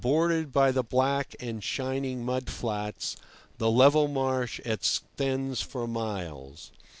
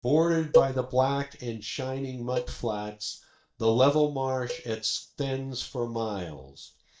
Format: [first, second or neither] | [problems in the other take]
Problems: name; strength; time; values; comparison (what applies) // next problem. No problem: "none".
first | noise reduction (neural mask model DeepFilterNet 3)